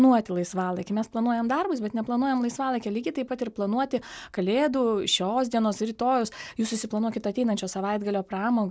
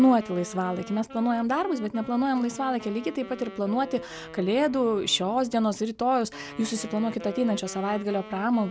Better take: first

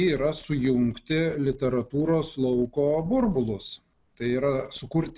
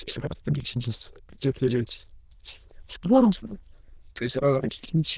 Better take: first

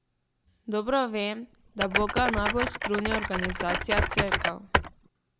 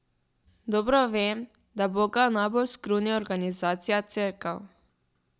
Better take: second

